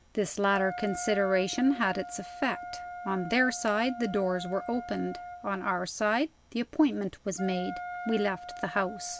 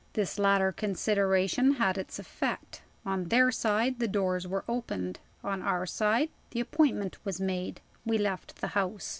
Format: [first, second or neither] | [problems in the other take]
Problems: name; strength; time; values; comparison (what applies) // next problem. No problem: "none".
second | background sound (Wind instrument, woodwind instrument); 12 dB below the speech